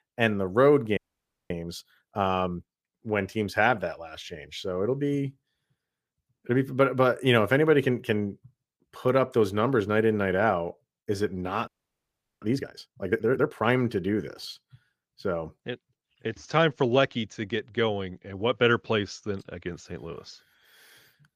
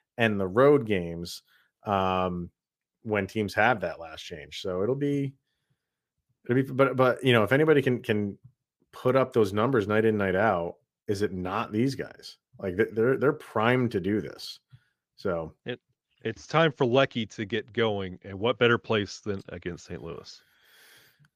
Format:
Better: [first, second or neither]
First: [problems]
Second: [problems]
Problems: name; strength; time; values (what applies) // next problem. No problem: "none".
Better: second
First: audio freezing; at 1 s for 0.5 s and at 12 s for 0.5 s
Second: none